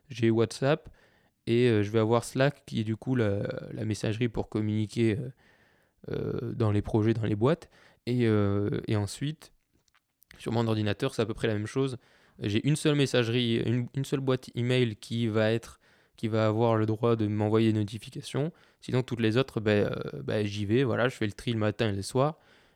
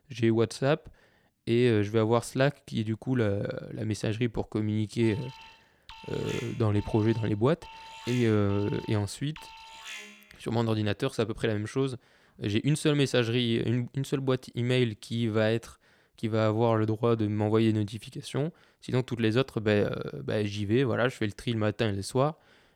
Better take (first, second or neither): first